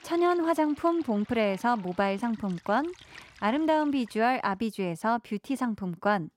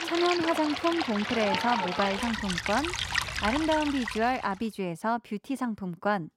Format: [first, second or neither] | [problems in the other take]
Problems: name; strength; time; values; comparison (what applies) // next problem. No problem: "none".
first | rain or running water; loud; until 4 s; 2 dB below the speech; faint in the first